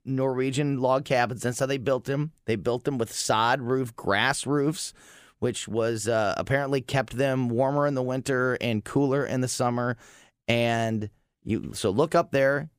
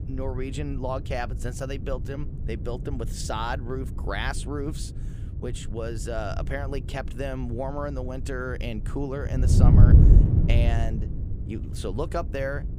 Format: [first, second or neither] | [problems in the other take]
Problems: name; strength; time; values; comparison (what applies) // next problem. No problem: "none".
first | wind noise on the microphone; heavy; 6 dB below the speech